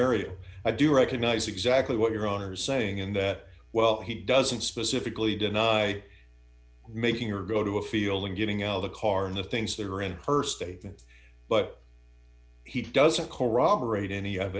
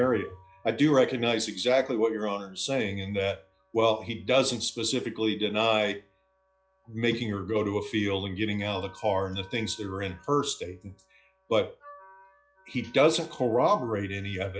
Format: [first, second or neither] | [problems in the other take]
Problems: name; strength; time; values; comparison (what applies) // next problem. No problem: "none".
first | noise reduction (classical method log-MMSE)